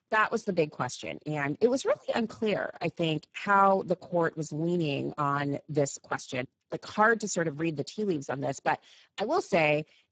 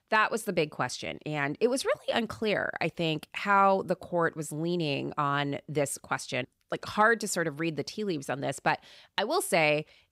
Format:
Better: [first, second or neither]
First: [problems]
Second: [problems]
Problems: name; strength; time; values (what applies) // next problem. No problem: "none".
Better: second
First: garbled, watery; badly; nothing above 7.5 kHz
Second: none